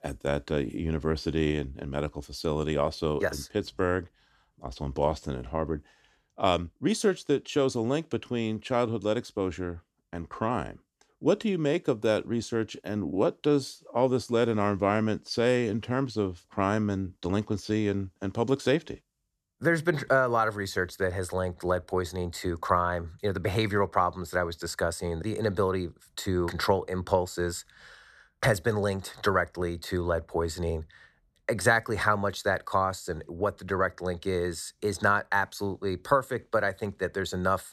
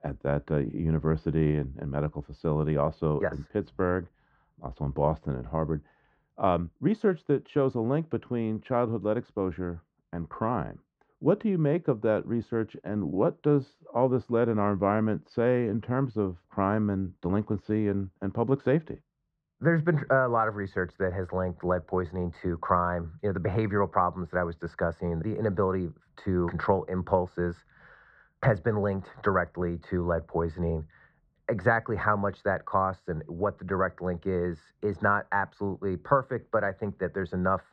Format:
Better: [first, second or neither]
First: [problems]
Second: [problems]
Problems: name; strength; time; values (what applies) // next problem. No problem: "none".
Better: first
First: none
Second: muffled; very; fading above 1.5 kHz